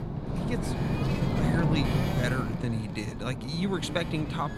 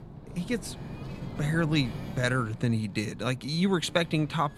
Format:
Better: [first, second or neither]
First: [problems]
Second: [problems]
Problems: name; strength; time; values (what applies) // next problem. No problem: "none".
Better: second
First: wind noise on the microphone; heavy; 1 dB below the speech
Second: wind noise on the microphone; occasional gusts; 15 dB below the speech